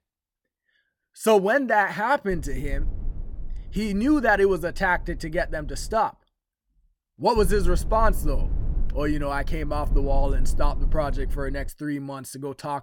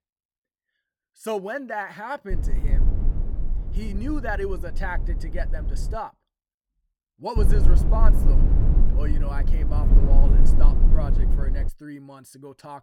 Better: first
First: low rumble; faint; from 2.5 to 6 s and from 7.5 to 12 s; 25 dB below the speech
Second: low rumble; loud; from 2.5 to 6 s and from 7.5 to 12 s; 7 dB below the speech

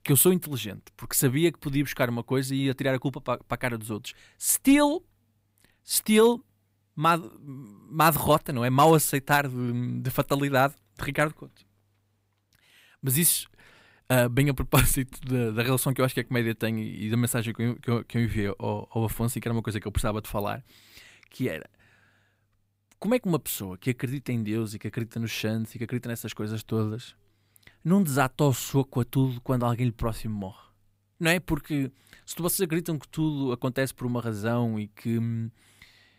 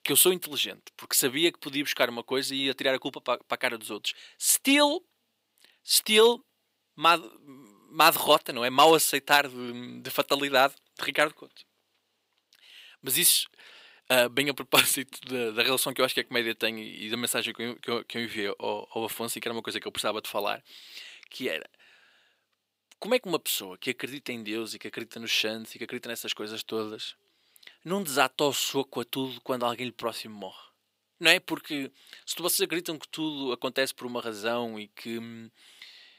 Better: first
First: none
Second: thin; somewhat; fading below 400 Hz

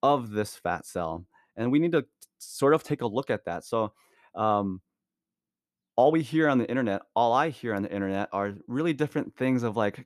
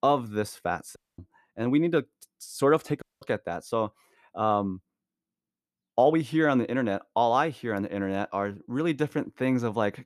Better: first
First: none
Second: audio cutting out; at 1 s and at 3 s

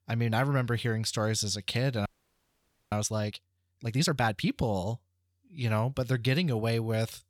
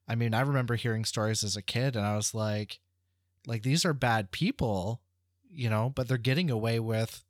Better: second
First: audio freezing; at 2 s for 1 s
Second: none

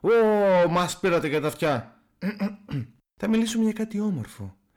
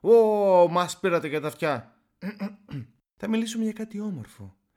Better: second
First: distortion; heavy; 6 dB below the speech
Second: none

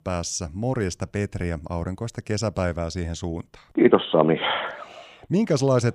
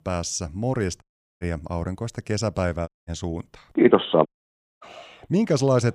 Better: first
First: none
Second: audio cutting out; at 1 s, at 3 s and at 4.5 s for 0.5 s

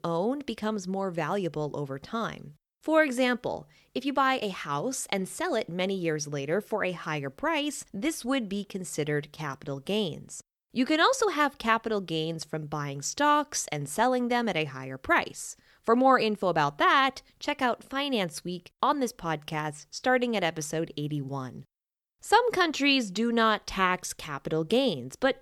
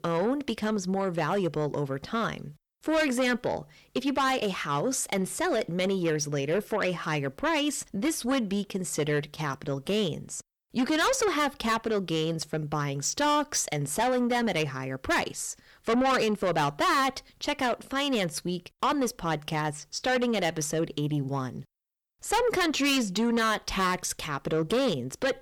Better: first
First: none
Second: distortion; heavy; 7 dB below the speech

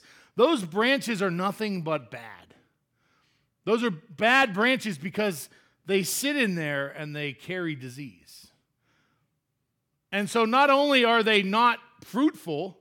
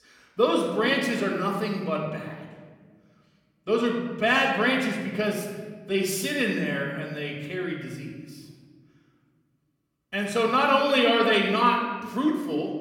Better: first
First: none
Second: off-mic speech; somewhat distant // room echo; noticeable; dies away in 1.3 s

